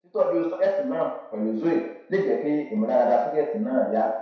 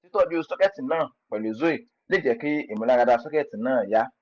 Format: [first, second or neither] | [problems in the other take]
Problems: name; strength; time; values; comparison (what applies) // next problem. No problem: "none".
second | room echo; dies away in 0.7 s